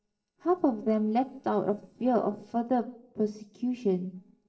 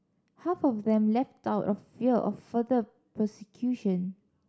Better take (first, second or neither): second